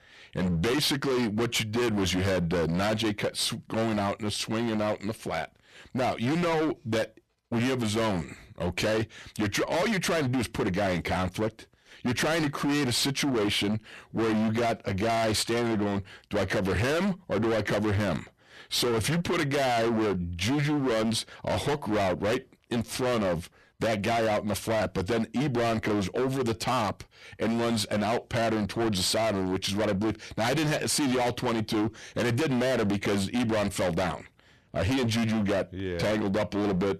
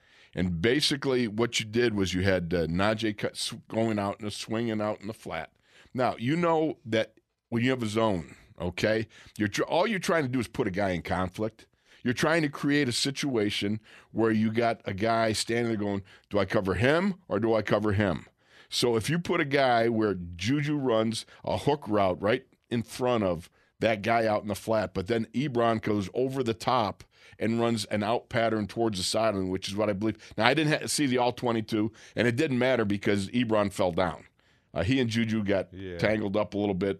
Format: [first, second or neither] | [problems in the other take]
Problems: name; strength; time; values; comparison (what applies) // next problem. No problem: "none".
second | distortion; heavy; 29% of the sound clipped